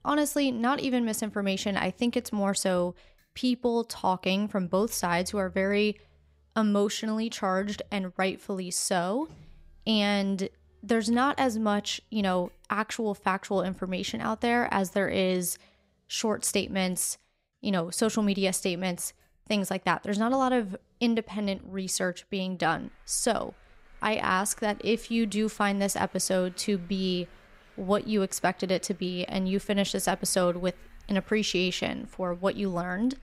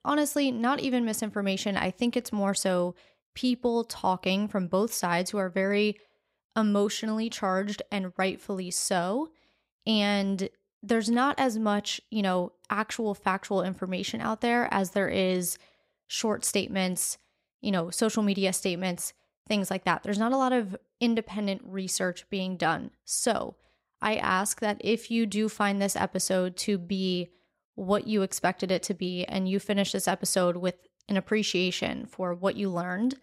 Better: second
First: traffic noise; faint; throughout; 30 dB below the speech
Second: none

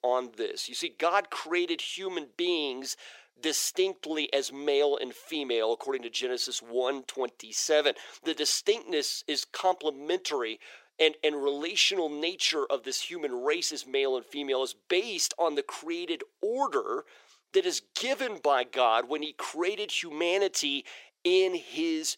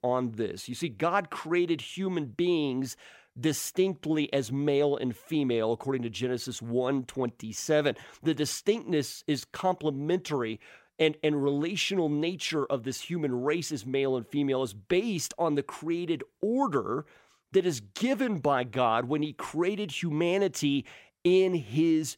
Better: second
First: thin; somewhat; fading below 400 Hz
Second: none

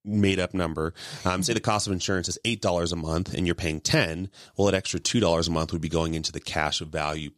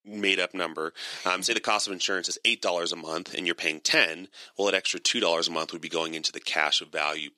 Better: first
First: none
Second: thin; somewhat; fading below 300 Hz

